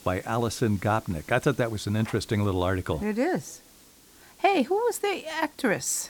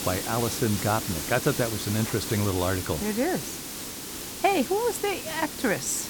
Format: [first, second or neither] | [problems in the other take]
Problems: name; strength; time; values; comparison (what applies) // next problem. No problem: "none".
first | hiss; loud; throughout; 5 dB below the speech; faint in the first